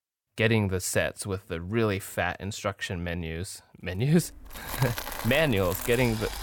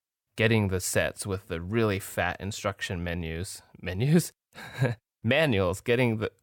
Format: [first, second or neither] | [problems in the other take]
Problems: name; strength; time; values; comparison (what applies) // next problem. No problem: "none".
second | household noises; loud; from 4.5 s on; 8 dB below the speech